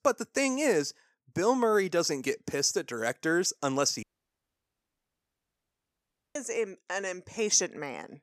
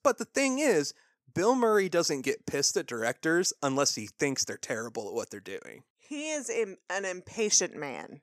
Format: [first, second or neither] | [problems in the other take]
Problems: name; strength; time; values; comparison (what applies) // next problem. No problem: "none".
second | audio cutting out; at 4 s for 2.5 s